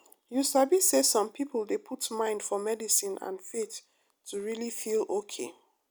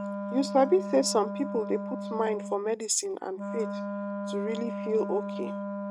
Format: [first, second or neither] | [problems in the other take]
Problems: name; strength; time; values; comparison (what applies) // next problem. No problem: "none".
first | noise reduction (neural mask model RNNoise)